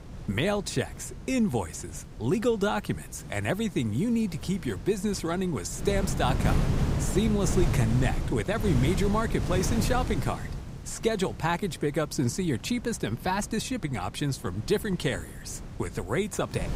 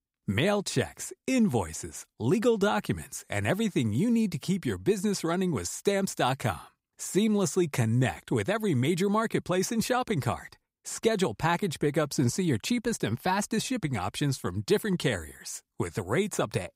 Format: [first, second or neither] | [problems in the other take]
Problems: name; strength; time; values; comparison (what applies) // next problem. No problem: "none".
second | wind noise on the microphone; heavy; 10 dB below the speech